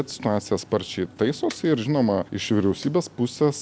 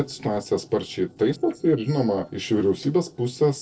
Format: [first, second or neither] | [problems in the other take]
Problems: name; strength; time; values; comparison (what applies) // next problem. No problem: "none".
first | noise reduction (neural separator model SepFormer DNS4)